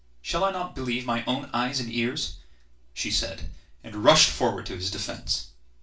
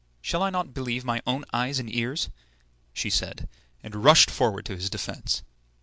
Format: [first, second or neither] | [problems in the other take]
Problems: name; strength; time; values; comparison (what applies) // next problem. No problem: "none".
second | room echo; dies away in 0.3 s